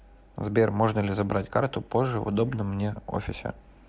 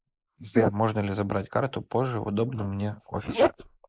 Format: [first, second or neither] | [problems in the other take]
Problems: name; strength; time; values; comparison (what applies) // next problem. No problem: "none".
first | noise reduction (neural mask model Resemble Enhance denoiser)